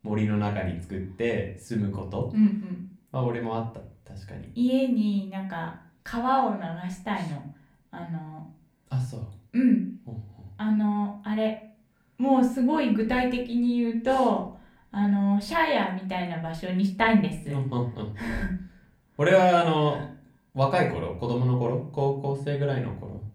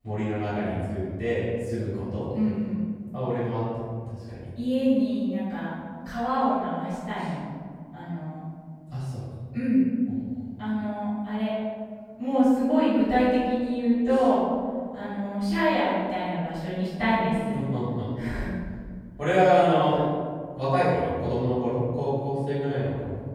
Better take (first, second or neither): first